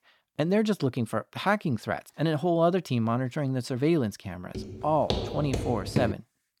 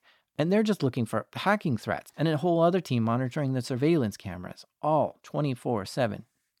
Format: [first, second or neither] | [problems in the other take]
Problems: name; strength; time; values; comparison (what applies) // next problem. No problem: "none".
second | footsteps; noticeable; from 4.5 s on; peak 3 dB below the speech